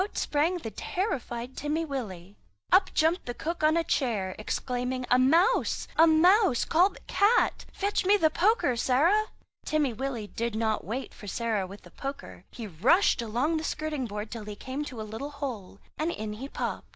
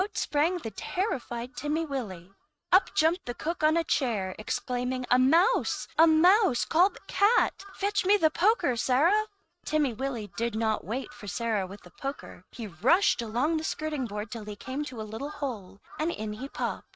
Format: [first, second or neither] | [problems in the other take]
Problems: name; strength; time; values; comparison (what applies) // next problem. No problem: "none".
first | noise reduction (neural mask model RNNoise)